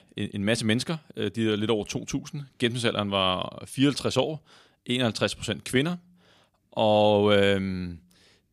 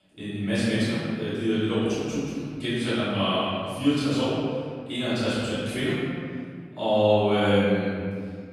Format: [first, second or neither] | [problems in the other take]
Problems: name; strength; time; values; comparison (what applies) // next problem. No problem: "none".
first | off-mic speech; far // room echo; strong; dies away in 2 s